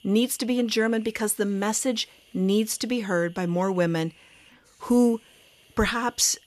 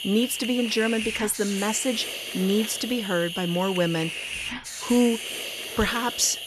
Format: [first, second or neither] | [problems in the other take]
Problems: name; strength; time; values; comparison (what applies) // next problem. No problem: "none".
first | hiss; loud; throughout; 6 dB below the speech; faint in the first